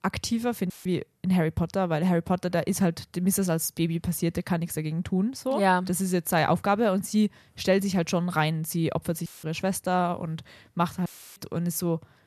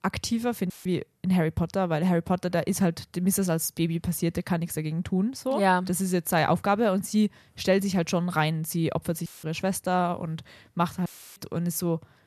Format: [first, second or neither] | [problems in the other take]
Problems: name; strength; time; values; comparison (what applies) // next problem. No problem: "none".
neither | audio cutting out; filled with static; at 0.5 s, at 9.5 s and at 11 s; the same in both